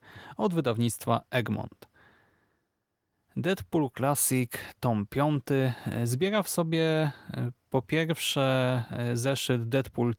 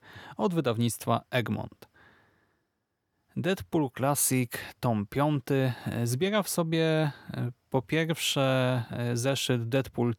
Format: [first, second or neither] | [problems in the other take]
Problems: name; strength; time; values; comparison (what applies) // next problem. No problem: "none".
second | garbled, watery; slightly; nothing above 18.5 kHz